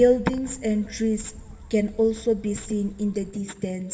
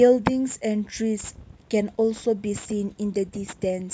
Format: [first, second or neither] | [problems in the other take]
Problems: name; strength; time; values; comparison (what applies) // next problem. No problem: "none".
second | background sound (Gull, seagull / Wind); 19 dB below the speech // room echo; dies away in 2.1 s